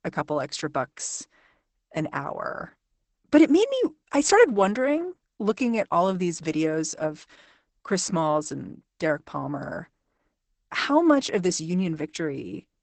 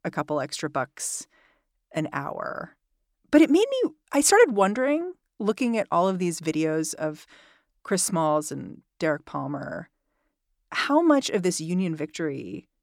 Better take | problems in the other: second | garbled, watery; badly; nothing above 8 kHz

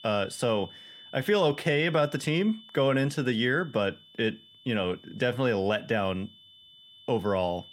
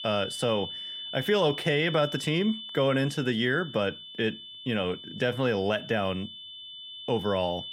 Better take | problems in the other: first | high-pitched whine; loud; throughout; 3 kHz, 10 dB below the speech; faint in the first

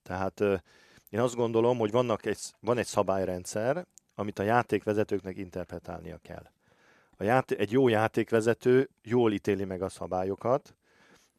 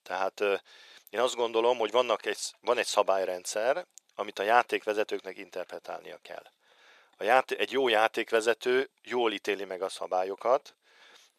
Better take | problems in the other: first | thin; very; fading below 600 Hz

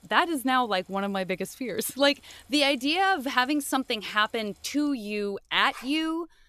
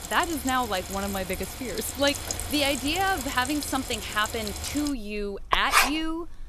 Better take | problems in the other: first | household noises; loud; throughout; 2 dB below the speech; faint in the first

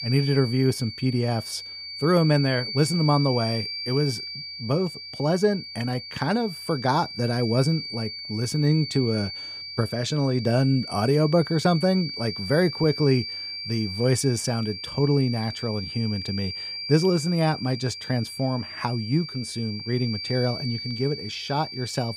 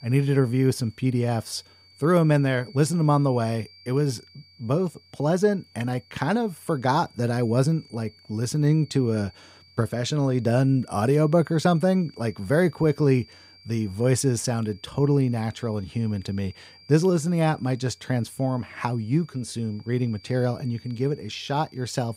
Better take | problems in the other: second | high-pitched whine; loud; throughout; 4.5 kHz, 8 dB below the speech; faint in the second

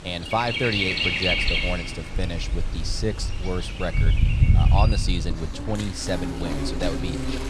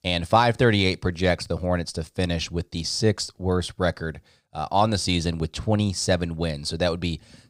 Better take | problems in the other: second | animal sounds; very loud; throughout; 4 dB above the speech

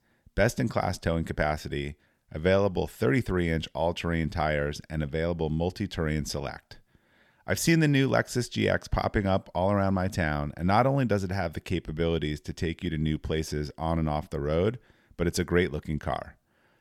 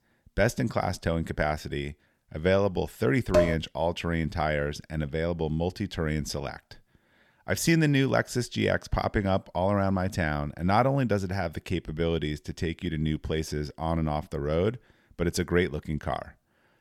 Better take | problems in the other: first | clattering dishes; loud; at 3.5 s; peak 3 dB above the speech

